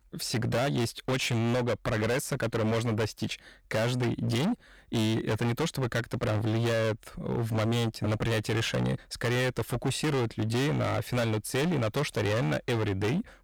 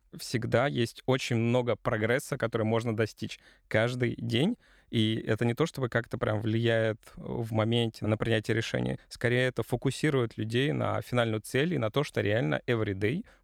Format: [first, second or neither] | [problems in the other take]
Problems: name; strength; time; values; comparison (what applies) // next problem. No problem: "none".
second | distortion; heavy; 27% of the sound clipped